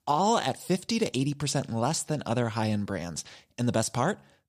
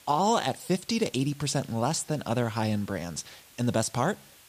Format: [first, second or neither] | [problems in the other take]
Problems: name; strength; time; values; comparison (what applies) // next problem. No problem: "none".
first | hiss; faint; throughout; 25 dB below the speech